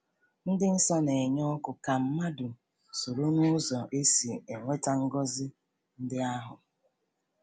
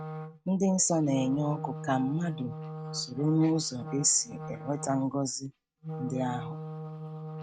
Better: first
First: none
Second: noise reduction (neural mask model RNNoise)

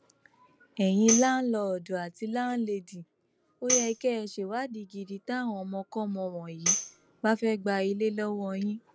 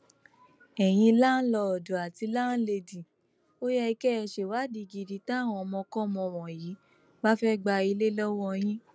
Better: second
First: background sound (Tambourine); 4 dB below the speech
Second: none

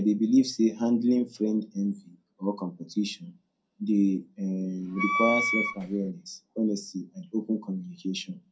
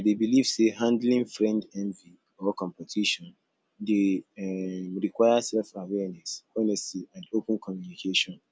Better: second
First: background sound (Wind instrument, woodwind instrument); 1 dB below the speech // room echo; dies away in 0.2 s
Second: none

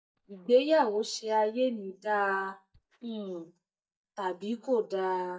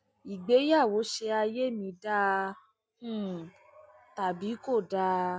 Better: second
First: noise reduction (neural mask model DeepFilterNet 3)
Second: none

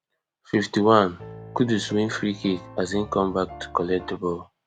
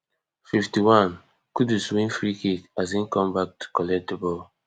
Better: second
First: background sound (Piano); 17 dB below the speech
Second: none

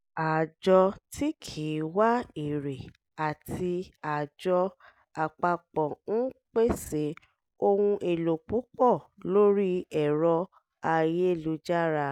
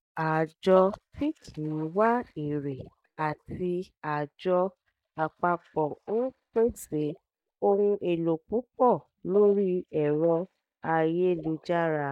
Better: first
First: none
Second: noise reduction (neural mask model DeepFilterNet 3)

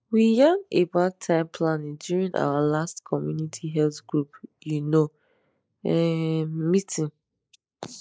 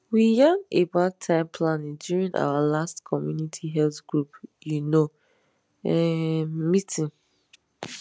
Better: second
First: noise reduction (neural mask model Resemble Enhance denoiser)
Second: none

